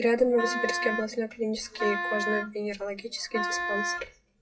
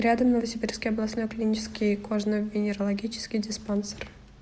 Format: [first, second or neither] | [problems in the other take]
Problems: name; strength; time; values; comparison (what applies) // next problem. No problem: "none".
second | noise reduction (classical method WPE with log-MMSE)